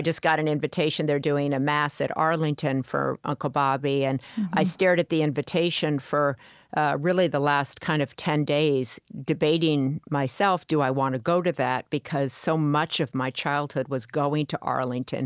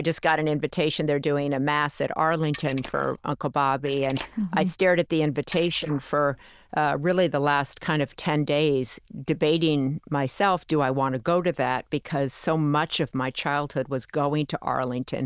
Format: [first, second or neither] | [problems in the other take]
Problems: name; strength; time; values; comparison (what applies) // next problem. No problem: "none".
first | noise reduction (neural diffusion model UNIVERSE++)